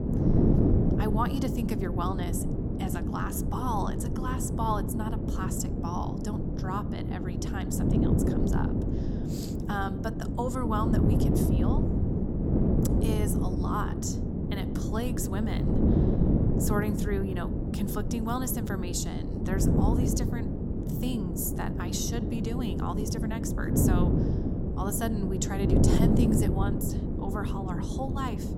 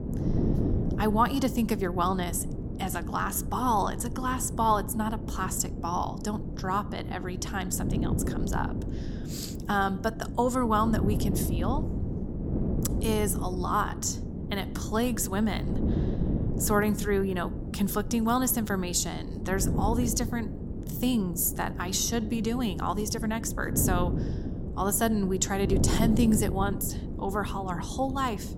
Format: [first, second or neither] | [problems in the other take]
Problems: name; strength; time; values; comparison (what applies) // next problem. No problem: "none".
second | wind noise on the microphone; heavy; as loud as the speech; occasional gusts in the second